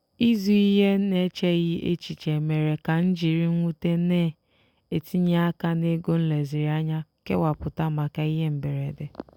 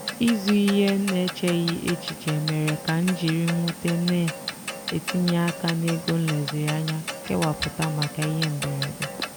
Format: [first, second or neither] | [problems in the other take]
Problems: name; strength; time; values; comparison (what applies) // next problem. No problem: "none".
first | background sound (Clock); 8 dB below the speech